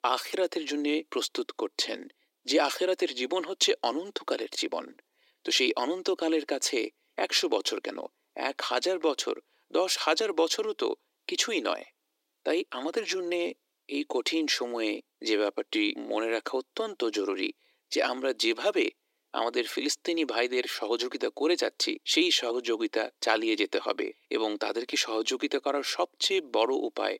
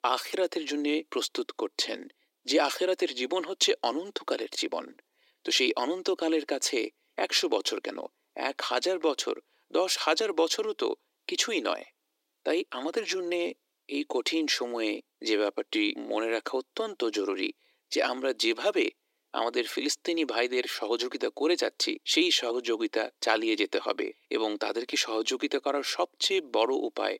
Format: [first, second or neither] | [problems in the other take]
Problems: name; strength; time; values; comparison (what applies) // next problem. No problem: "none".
neither | thin; very; fading below 300 Hz; the same in both